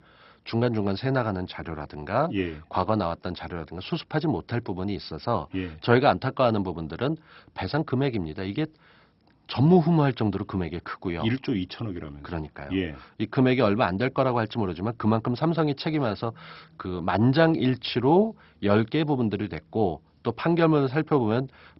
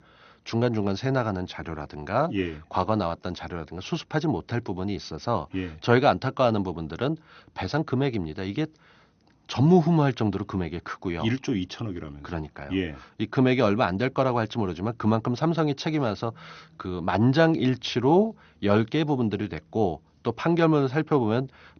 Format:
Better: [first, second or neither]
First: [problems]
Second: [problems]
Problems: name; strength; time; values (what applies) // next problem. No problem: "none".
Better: second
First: garbled, watery; badly; nothing above 5.5 kHz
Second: garbled, watery; slightly; nothing above 6.5 kHz